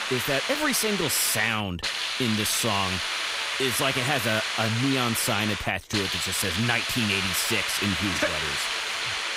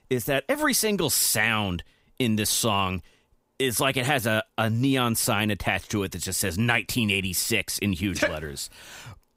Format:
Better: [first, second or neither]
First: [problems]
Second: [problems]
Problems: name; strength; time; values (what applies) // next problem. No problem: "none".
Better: second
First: hiss; loud; throughout; 1 dB below the speech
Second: none